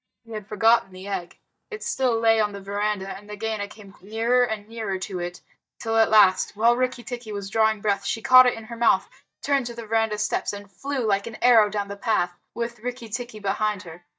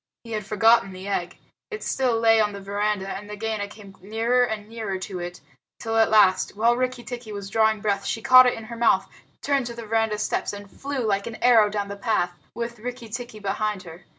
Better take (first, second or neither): second